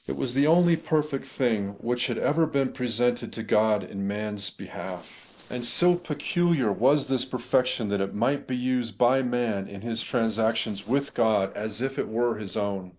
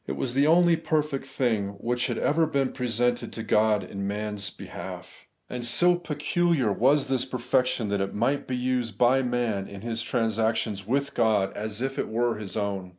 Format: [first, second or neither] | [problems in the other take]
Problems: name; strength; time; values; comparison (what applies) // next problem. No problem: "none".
second | noise reduction (neural separator model SepFormer DNS4)